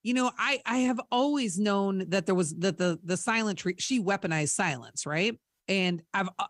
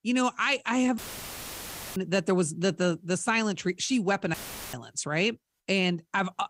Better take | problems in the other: first | audio cutting out; filled with static; at 1 s for 1 s and at 4.5 s

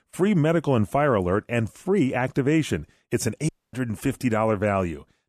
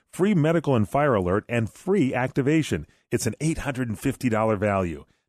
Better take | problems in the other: second | audio cutting out; at 3.5 s

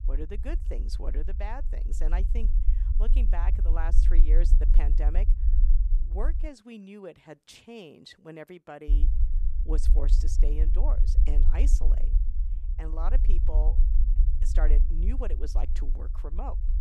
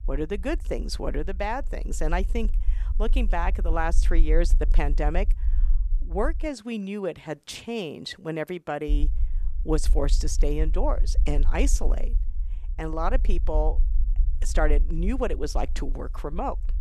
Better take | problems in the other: second | low rumble; loud; until 6.5 s and from 9 s on; 8 dB below the speech; faint in the second

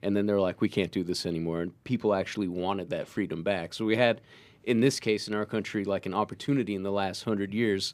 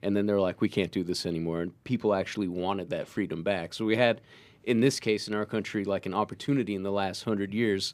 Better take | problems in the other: neither | none

